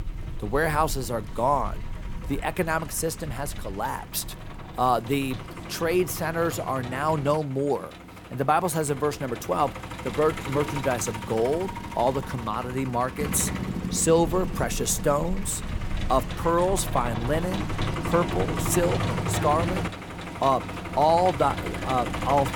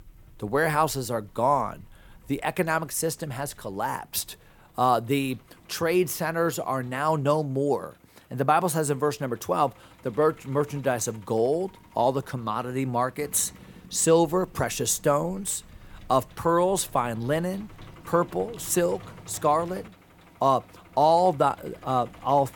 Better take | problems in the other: second | traffic noise; loud; throughout; 7 dB below the speech; faint in the second

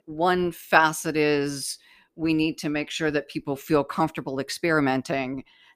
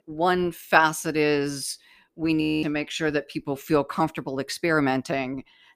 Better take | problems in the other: first | audio freezing; at 2.5 s

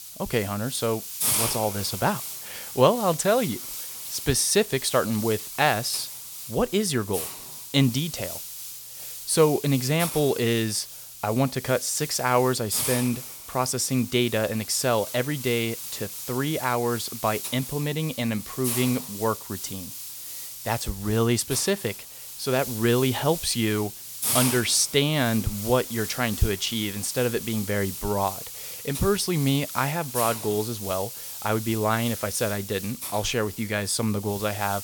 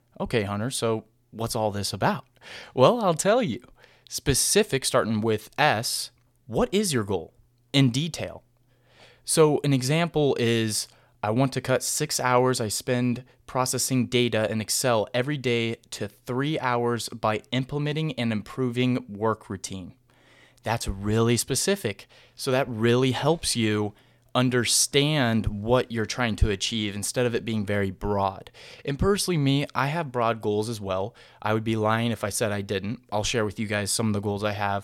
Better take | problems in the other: second | hiss; loud; throughout; 7 dB below the speech

